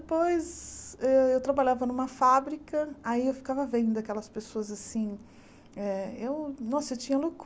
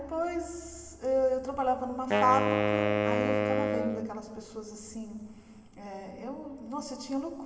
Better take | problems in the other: first | background sound (Wind instrument, woodwind instrument); 2 dB above the speech // room echo; dies away in 2.4 s

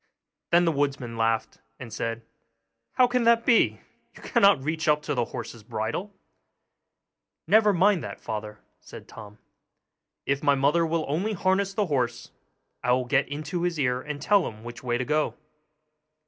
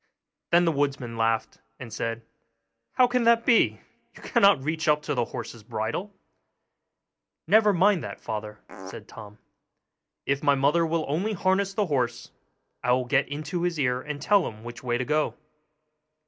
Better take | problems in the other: first | background sound (Fart); 11 dB below the speech

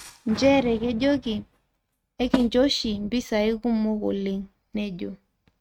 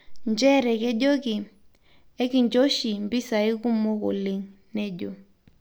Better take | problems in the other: second | noise reduction (neural mask model RNNoise)

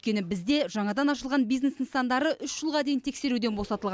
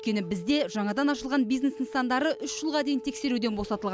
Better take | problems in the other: first | background sound (Wind instrument, woodwind instrument); 15 dB below the speech

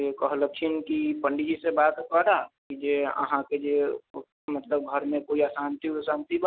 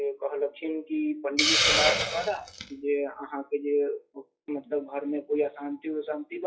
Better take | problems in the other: first | noise reduction (classical method WPE with log-MMSE)

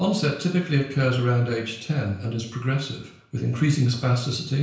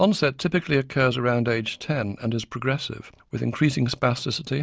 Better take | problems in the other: second | room echo; dies away in 0.5 s

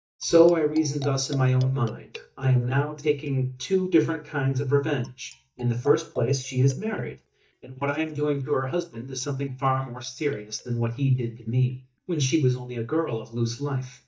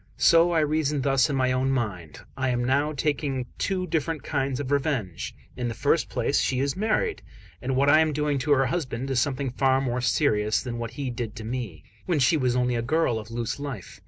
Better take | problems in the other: second | noise reduction (neural mask model DeepFilterNet 3)

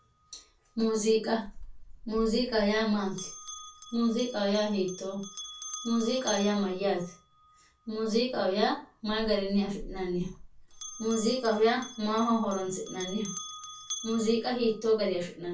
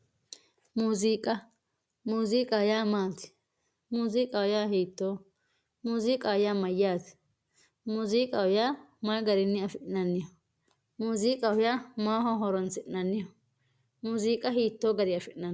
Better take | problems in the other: second | background sound (Bell); 15 dB below the speech // room echo; dies away in 0.2 s

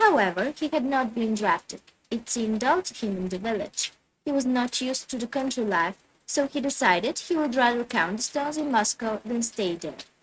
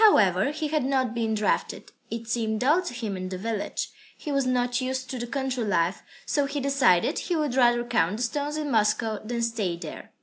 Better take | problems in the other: second | noise reduction (neural mask model RNNoise)

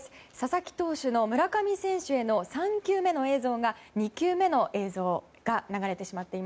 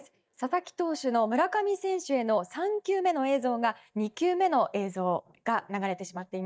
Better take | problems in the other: first | noise reduction (neural mask model DeepFilterNet 3)

